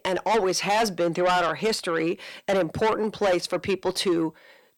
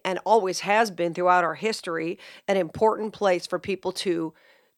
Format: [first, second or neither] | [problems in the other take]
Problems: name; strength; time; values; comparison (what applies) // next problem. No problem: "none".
second | distortion; heavy; 6 dB below the speech